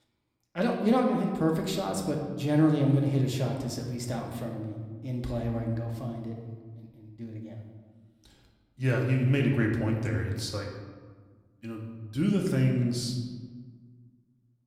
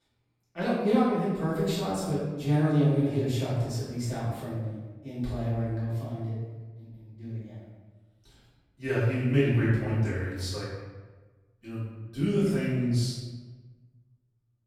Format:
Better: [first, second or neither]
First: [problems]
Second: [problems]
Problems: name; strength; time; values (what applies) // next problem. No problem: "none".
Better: first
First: room echo; slight; dies away in 1.2 s // off-mic speech; somewhat distant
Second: room echo; strong; dies away in 1.1 s // off-mic speech; far